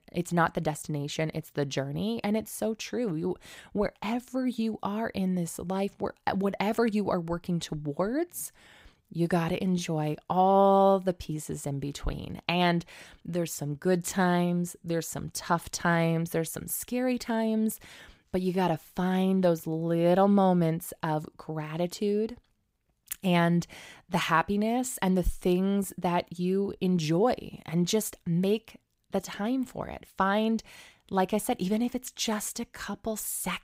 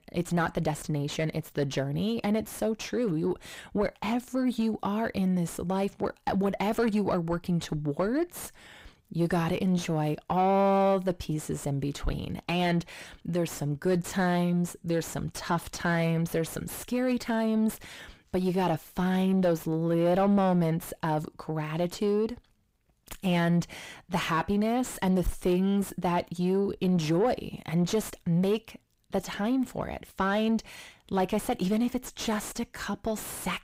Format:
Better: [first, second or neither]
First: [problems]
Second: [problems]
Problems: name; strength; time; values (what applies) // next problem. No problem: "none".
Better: first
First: none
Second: distortion; slight; 9 dB below the speech